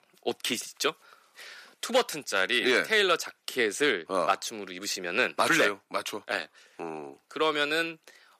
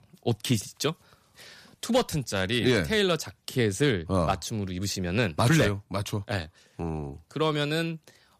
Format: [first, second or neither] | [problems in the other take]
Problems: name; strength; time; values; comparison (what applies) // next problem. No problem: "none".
second | thin; very; fading below 350 Hz